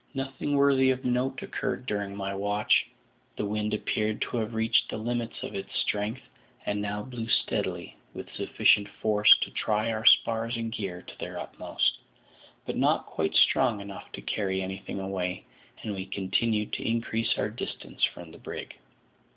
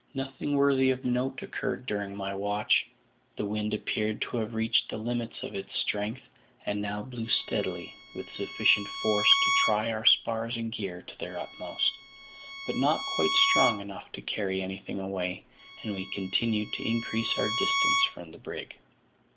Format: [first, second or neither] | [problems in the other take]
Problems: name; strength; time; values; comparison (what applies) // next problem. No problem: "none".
first | background sound (Bowed string instrument); 3 dB below the speech